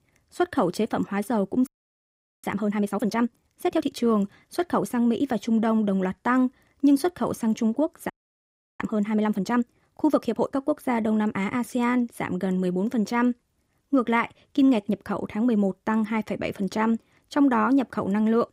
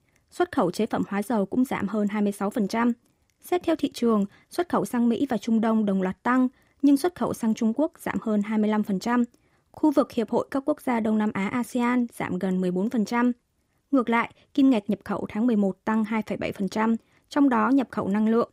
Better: second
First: audio freezing; at 1.5 s for 1 s and at 8 s for 0.5 s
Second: none

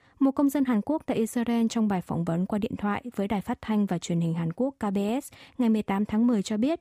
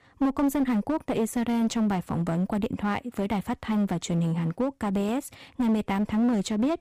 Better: first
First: none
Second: distortion; slight; 13% of the sound clipped

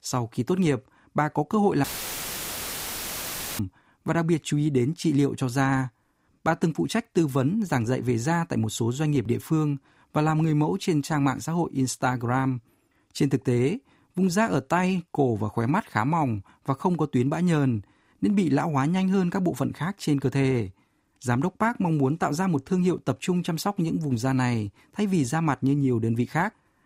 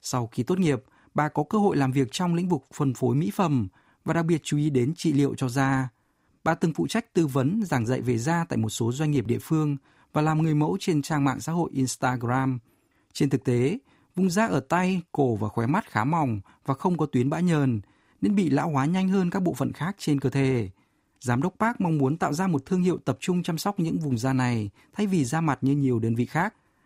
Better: second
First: audio cutting out; filled with static; at 2 s for 1.5 s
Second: none

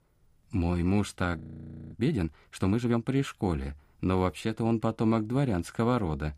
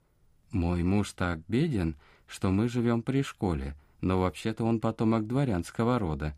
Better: second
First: audio freezing; at 1.5 s for 0.5 s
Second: none

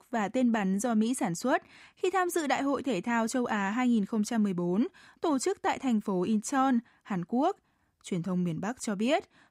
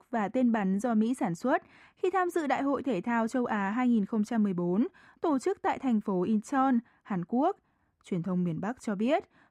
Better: first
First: none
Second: muffled; slightly; fading above 2.5 kHz

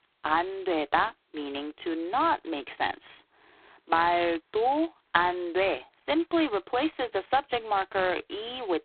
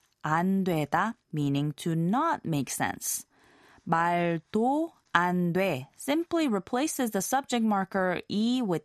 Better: second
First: phone-call audio; poor line; nothing above 4 kHz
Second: none

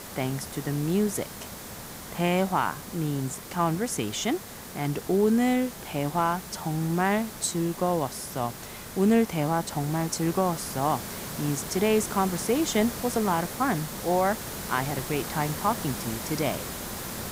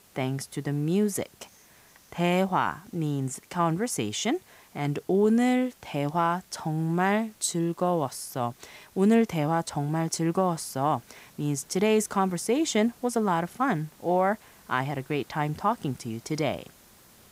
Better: second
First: hiss; loud; throughout; 9 dB below the speech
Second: hiss; faint; throughout; 25 dB below the speech

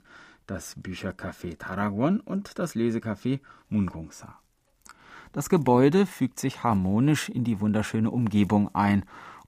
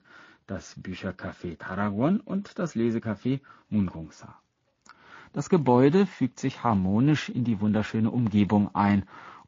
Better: first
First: none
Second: garbled, watery; slightly

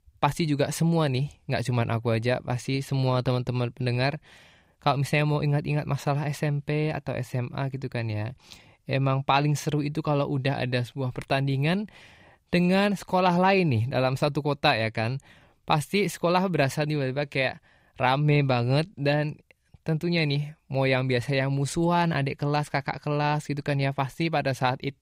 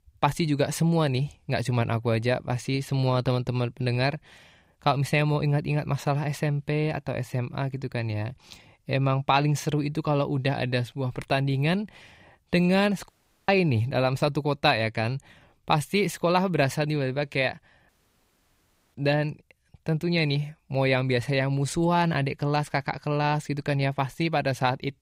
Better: first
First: none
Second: audio cutting out; at 13 s and at 18 s for 1 s

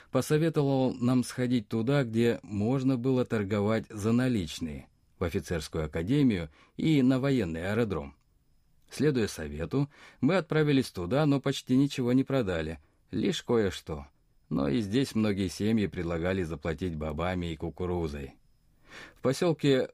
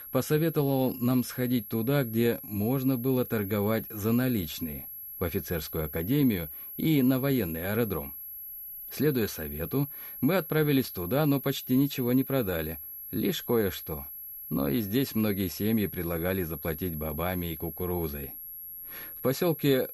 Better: first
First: none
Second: high-pitched whine; loud; throughout; 11.5 kHz, 10 dB below the speech

